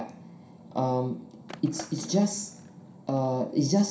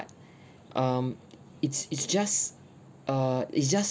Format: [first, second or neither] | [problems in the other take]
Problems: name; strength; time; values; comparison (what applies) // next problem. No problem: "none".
second | background sound (Skateboard); 19 dB below the speech // room echo; dies away in 0.5 s